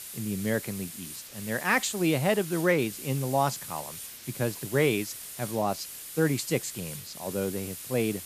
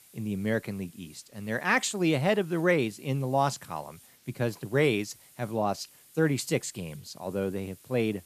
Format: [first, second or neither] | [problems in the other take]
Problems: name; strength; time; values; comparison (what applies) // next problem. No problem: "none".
second | hiss; loud; throughout; 9 dB below the speech; faint in the second